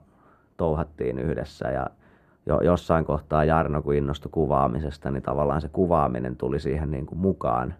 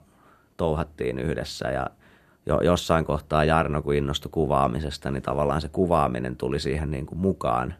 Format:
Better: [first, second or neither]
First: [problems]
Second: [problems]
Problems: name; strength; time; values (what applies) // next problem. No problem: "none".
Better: second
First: muffled; slightly; fading above 2 kHz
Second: none